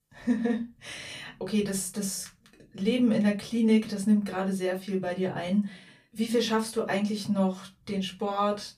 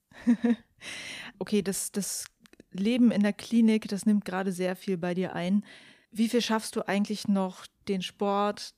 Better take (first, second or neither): second